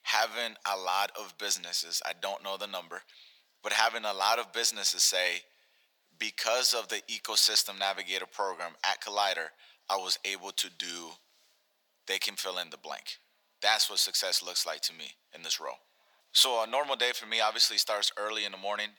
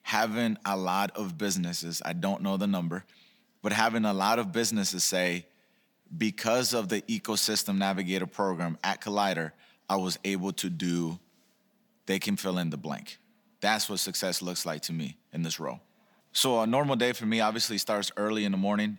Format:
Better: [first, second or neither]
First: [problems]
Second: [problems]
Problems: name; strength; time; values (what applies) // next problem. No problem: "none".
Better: second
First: thin; very; fading below 550 Hz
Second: none